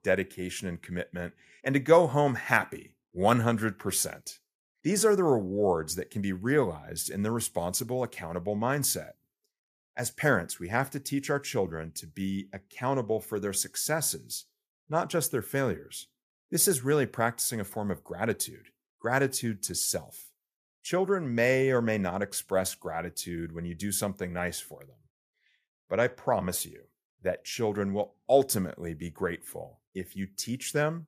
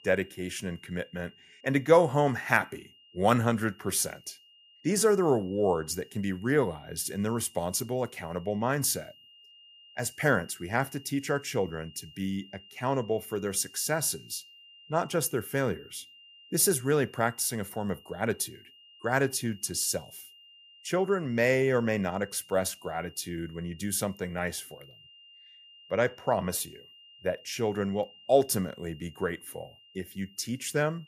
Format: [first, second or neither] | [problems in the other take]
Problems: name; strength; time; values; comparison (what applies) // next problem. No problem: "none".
first | high-pitched whine; faint; throughout; 3 kHz, 25 dB below the speech